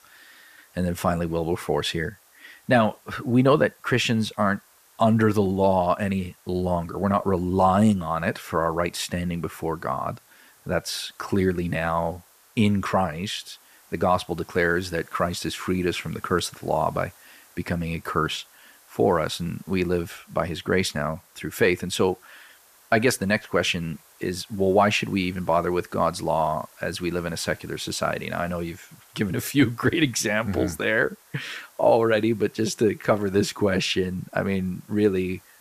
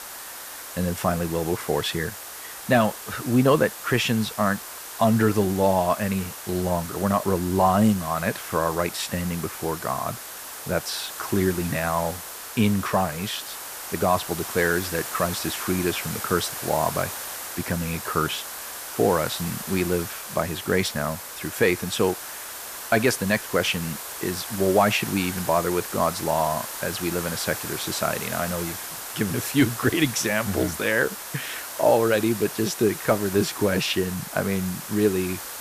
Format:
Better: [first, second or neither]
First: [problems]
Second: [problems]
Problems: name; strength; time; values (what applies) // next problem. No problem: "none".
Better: first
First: hiss; faint; throughout; 30 dB below the speech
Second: hiss; loud; throughout; 8 dB below the speech